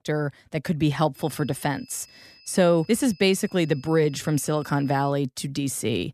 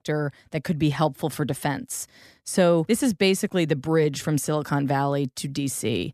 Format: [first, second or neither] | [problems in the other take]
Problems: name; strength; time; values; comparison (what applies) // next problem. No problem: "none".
second | high-pitched whine; faint; from 1 to 5 s; 5 kHz, 25 dB below the speech